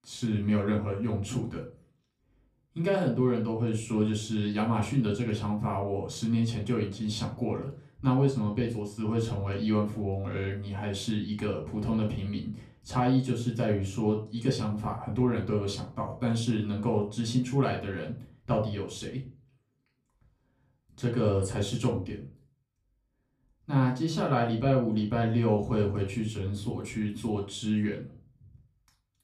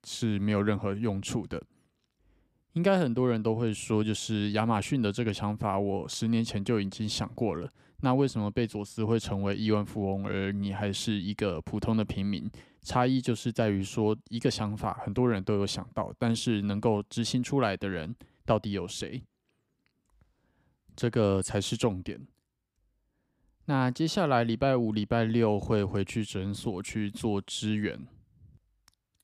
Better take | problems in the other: second | room echo; slight; dies away in 0.3 s // off-mic speech; far

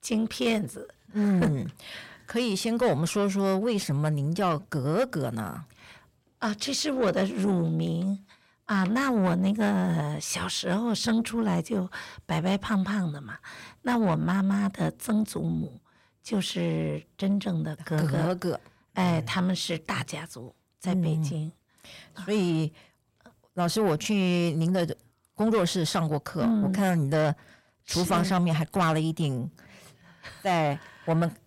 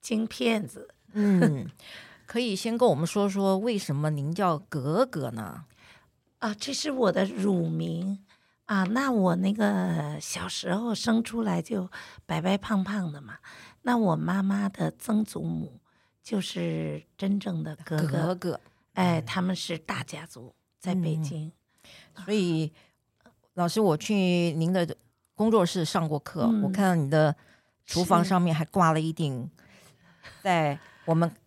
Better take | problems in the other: second | distortion; slight; 10 dB below the speech

